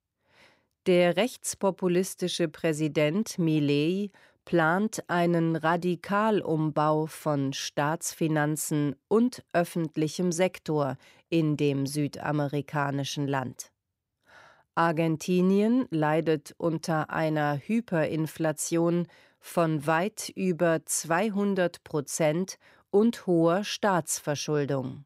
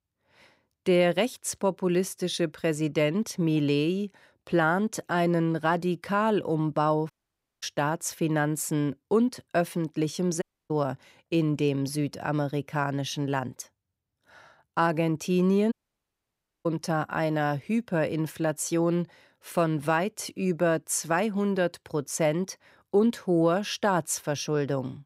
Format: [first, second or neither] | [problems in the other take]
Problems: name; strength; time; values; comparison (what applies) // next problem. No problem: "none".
first | audio cutting out; at 7 s for 0.5 s, at 10 s and at 16 s for 1 s